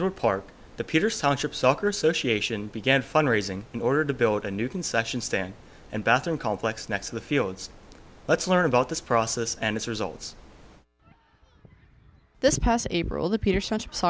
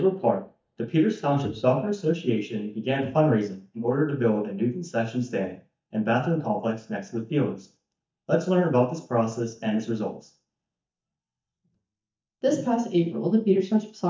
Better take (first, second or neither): first